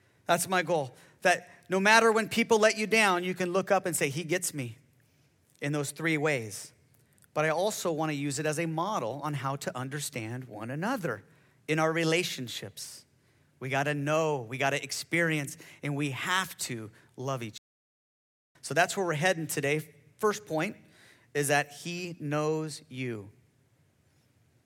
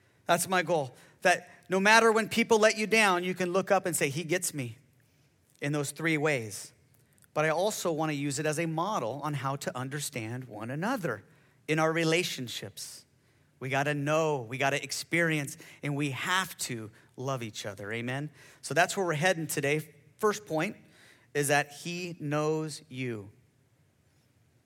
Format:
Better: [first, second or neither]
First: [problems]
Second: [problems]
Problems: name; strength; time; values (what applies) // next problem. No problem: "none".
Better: second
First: audio cutting out; at 18 s for 1 s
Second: none